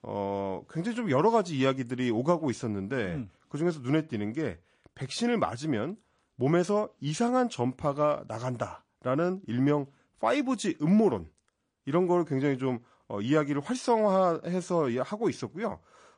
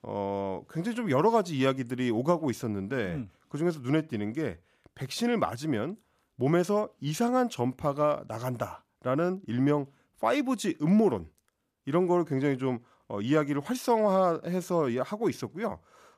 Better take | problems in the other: second | garbled, watery; slightly; nothing above 8 kHz

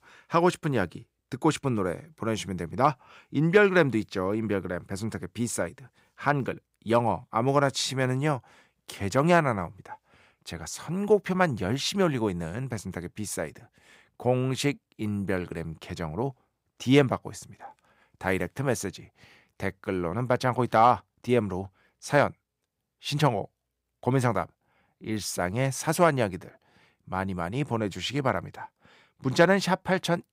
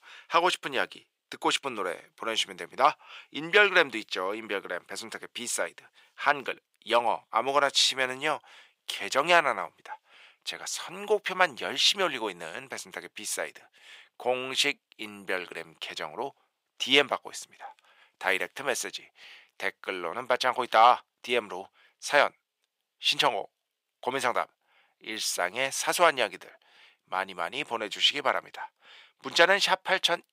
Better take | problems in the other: first | thin; very; fading below 550 Hz

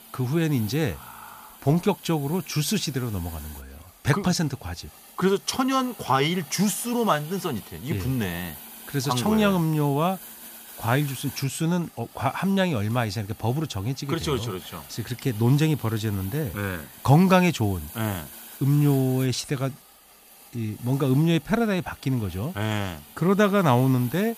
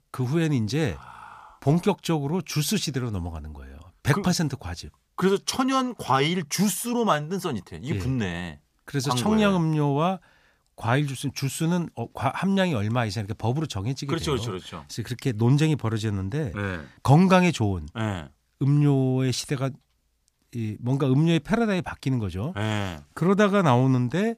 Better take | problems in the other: second | hiss; noticeable; throughout; 15 dB below the speech

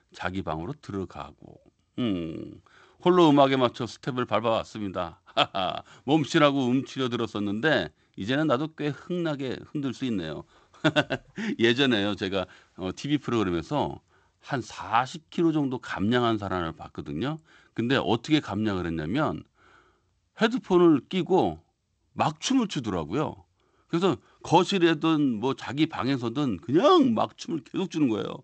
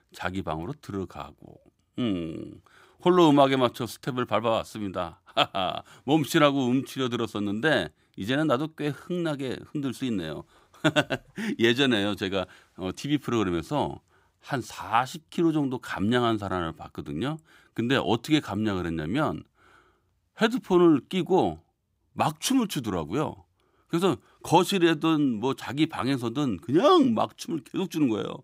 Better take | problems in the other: second | garbled, watery; slightly; nothing above 8 kHz

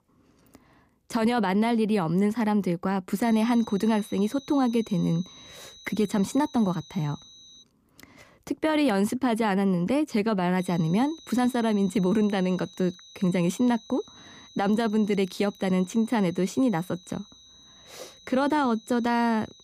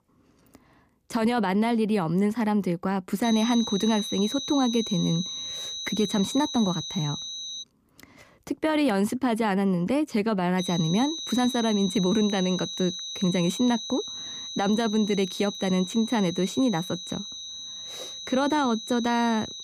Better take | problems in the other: first | high-pitched whine; loud; from 3 to 7.5 s and from 11 s on; 4 kHz, 7 dB below the speech; faint in the first

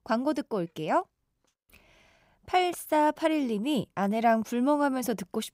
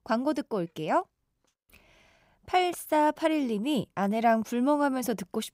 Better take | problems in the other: neither | none

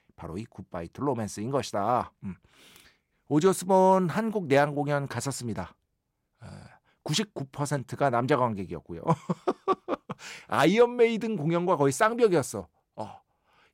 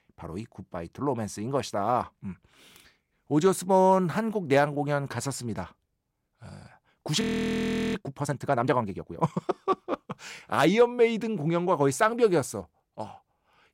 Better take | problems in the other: first | audio freezing; at 7 s for 0.5 s

